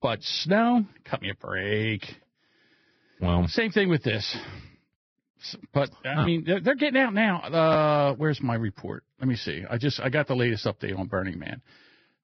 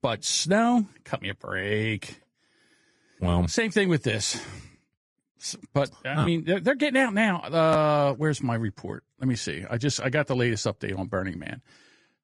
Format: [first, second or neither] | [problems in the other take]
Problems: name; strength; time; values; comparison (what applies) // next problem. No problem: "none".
second | garbled, watery; badly; nothing above 5.5 kHz; slightly in the second